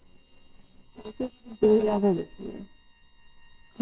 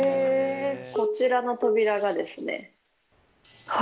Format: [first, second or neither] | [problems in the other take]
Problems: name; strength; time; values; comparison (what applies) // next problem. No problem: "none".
second | noise reduction (neural separator model SepFormer WHAMR!)